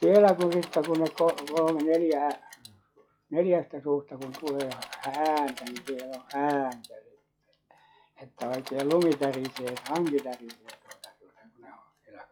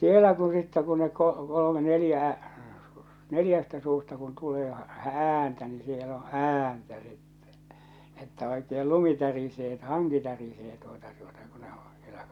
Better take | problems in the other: second | noise reduction (classical method log-MMSE)

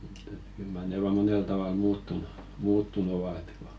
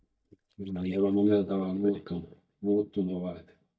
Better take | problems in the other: first | noise reduction (neural mask model DeepFilterNet 3)

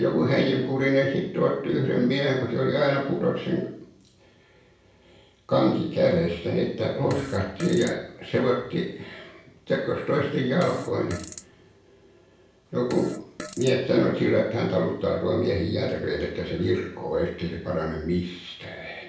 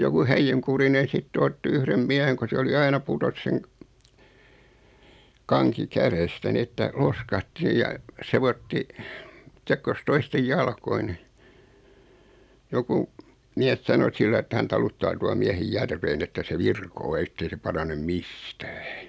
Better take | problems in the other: second | background sound (Fart); 15 dB below the speech // room echo; dies away in 0.6 s

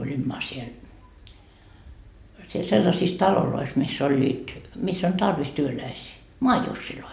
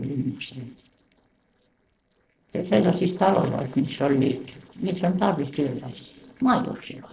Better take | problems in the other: first | noise reduction (neural separator model SepFormer DNS4)

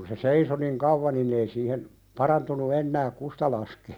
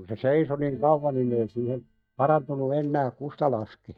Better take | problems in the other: first | noise reduction (neural mask model DeepFilterNet 3)

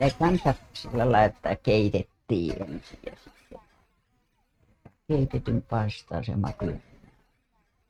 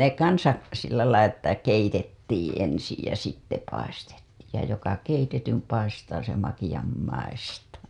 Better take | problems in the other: second | noise reduction (neural mask model RNNoise)

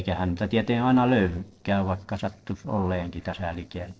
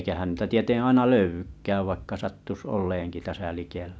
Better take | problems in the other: second | noise reduction (neural separator model SepFormer DNS4)

